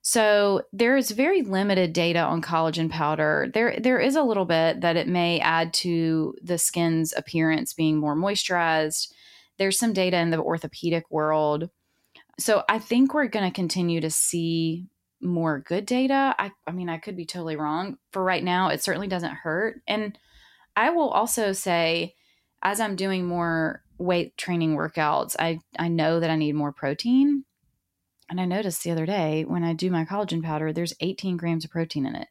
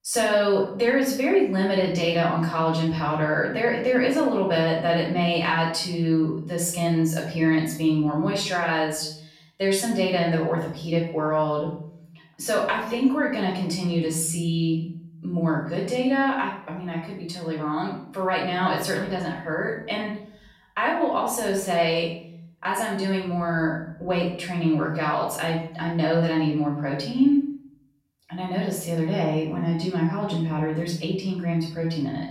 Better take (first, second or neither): first